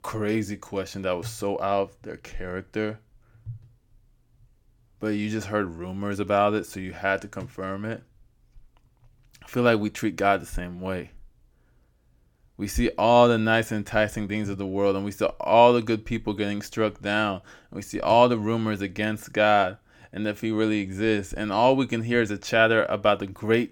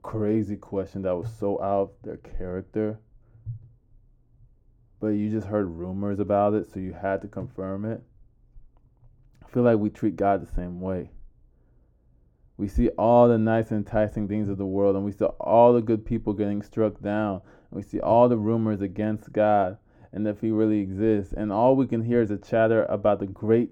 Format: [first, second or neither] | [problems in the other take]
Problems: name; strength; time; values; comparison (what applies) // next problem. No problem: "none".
first | muffled; very; fading above 1.5 kHz